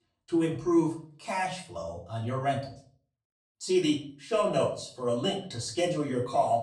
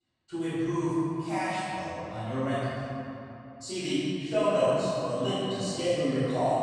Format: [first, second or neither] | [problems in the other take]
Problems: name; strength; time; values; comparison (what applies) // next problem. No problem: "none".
first | room echo; strong; dies away in 2.8 s; slight in the first // off-mic speech; far; far in the first